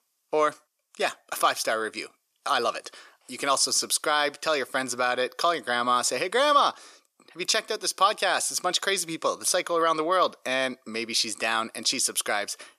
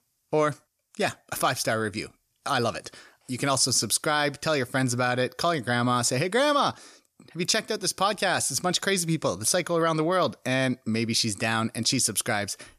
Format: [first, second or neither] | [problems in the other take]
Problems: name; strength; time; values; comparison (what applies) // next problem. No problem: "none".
second | thin; somewhat; fading below 450 Hz